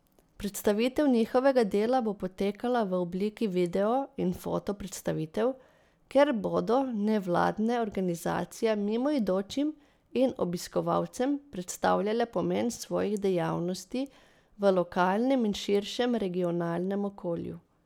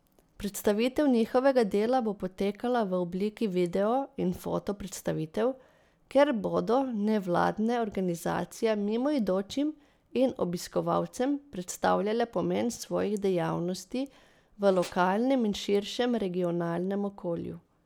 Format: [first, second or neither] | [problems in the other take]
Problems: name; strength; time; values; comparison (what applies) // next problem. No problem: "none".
first | background sound (Tools); 17 dB below the speech